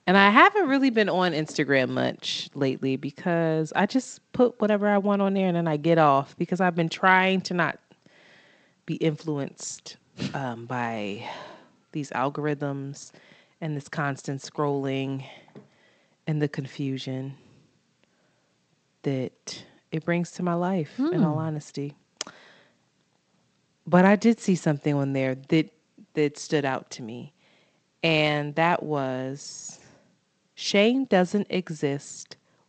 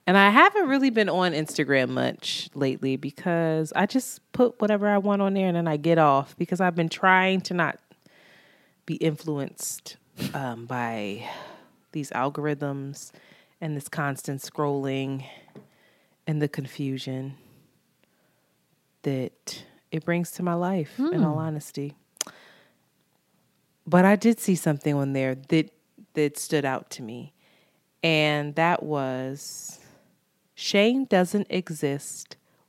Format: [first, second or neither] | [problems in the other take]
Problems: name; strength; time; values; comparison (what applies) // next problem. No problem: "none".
second | garbled, watery; slightly; nothing above 8 kHz